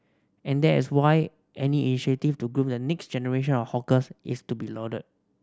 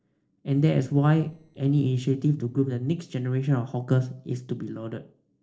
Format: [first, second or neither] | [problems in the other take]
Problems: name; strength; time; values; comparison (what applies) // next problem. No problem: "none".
first | noise reduction (neural separator model SepFormer DNS4)